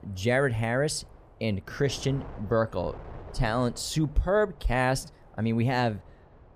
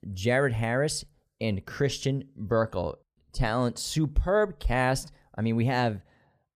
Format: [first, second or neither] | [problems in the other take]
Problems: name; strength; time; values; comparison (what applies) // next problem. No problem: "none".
second | wind noise on the microphone; occasional gusts; 20 dB below the speech